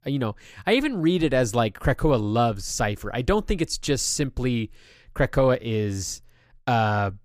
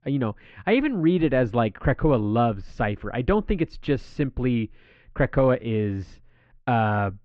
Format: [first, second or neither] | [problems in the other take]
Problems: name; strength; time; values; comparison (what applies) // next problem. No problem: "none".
first | muffled; very; fading above 3 kHz